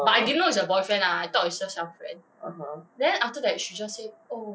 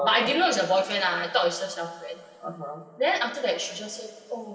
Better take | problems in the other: first | room echo; dies away in 2.9 s

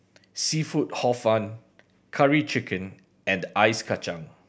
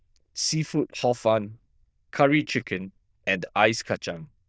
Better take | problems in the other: first | noise reduction (neural diffusion model UNIVERSE++)

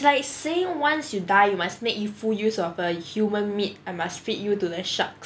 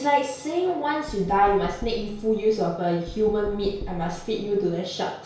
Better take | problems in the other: first | background sound (Knock); 13 dB below the speech // room echo; dies away in 0.6 s

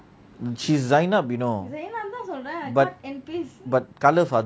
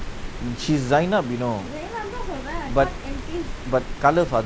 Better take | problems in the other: first | background sound (Rain); 8 dB below the speech

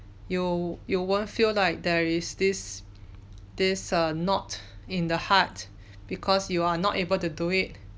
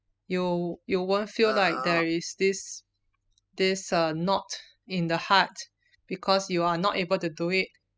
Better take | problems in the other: first | noise reduction (classical method spectral subtraction)

